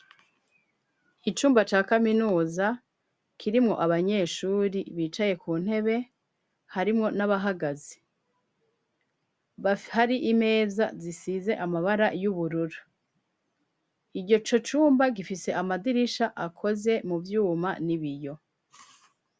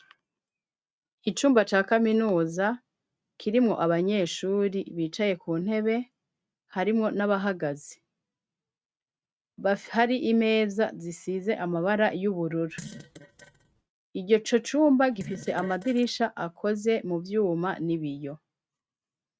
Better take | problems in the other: first | noise reduction (neural mask model RNNoise)

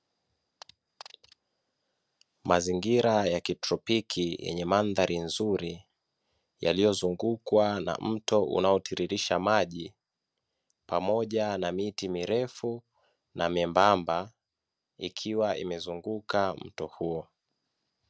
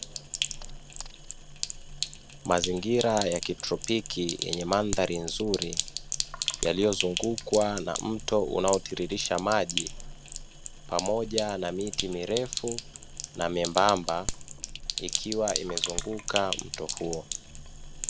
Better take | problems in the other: first | background sound (Sink (filling or washing)); 5 dB below the speech

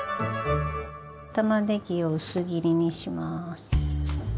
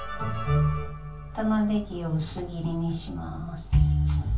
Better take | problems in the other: first | background sound (Mechanical fan); 17 dB below the speech // room echo; dies away in 0.2 s

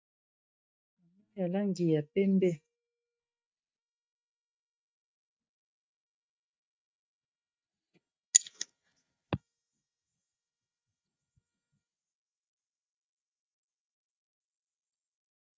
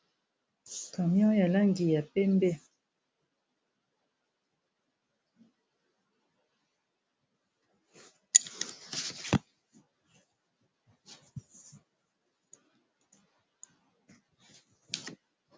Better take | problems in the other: second | noise reduction (neural mask model DeepFilterNet 3)

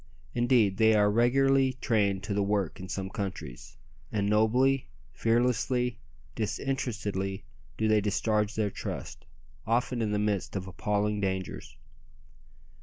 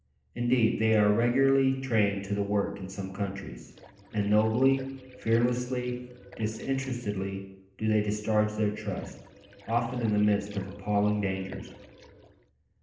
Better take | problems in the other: first | noise reduction (neural separator model SepFormer DNS4)

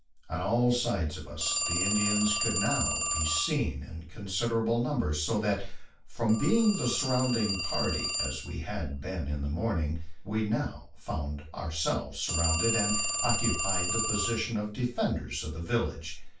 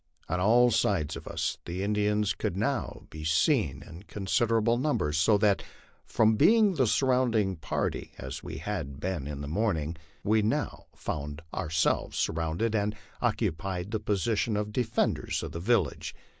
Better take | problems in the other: second | background sound (Telephone); 5 dB below the speech // room echo; dies away in 0.2 s

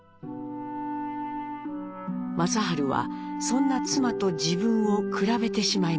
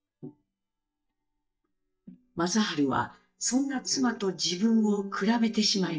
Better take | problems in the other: first | noise reduction (neural mask model DeepFilterNet 3)

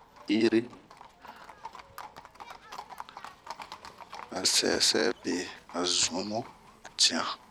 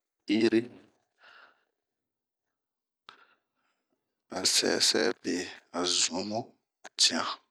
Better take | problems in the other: second | background sound (Livestock, farm animals, working animals); 16 dB below the speech

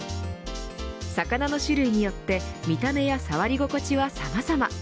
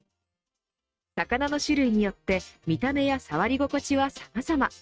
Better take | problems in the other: first | noise reduction (neural mask model RNNoise)

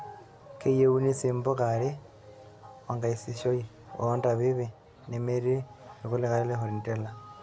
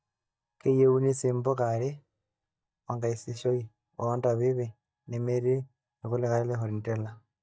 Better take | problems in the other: first | noise reduction (neural mask model DeepFilterNet 3)

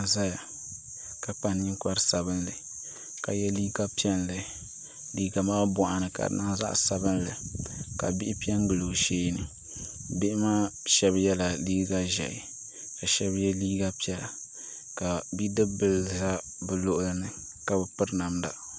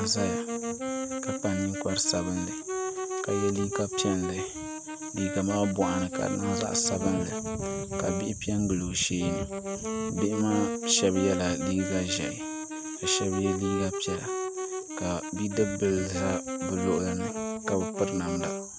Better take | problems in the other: first | background sound (Wind instrument, woodwind instrument); 4 dB below the speech

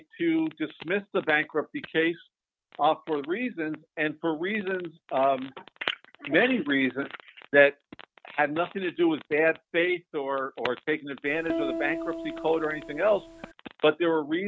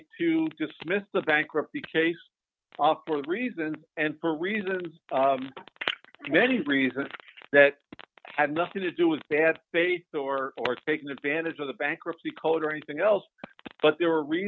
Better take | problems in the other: second | background sound (Piano); 7 dB below the speech

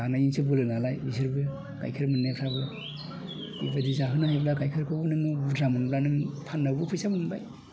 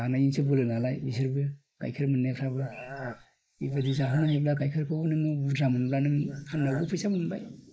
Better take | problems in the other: first | noise reduction (neural mask model Resemble Enhance denoiser)

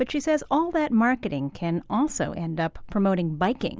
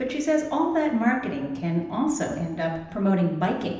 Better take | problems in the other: first | room echo; dies away in 0.9 s

